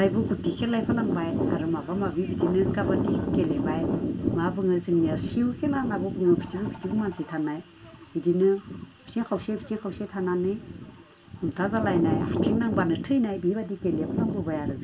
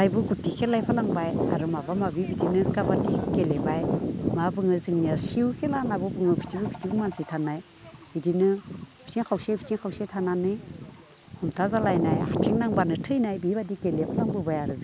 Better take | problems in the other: second | room echo; dies away in 0.2 s

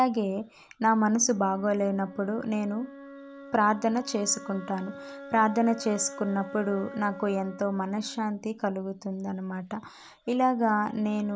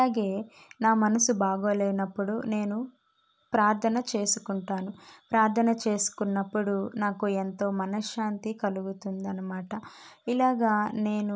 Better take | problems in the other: second | background sound (Wind instrument, woodwind instrument); 17 dB below the speech

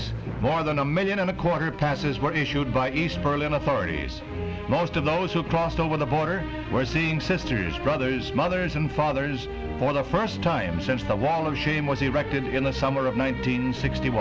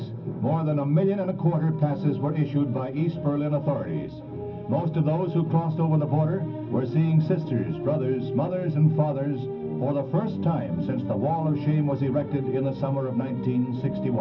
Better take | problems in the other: first | room echo; dies away in 0.4 s

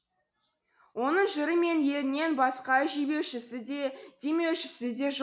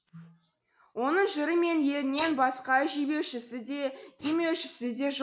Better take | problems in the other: first | noise reduction (neural mask model Resemble Enhance denoiser)

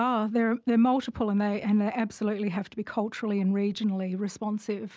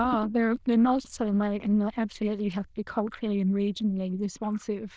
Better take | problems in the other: first | noise reduction (neural diffusion model UNIVERSE++)

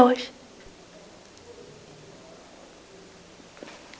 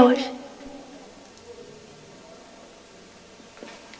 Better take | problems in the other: first | room echo; dies away in 1.5 s

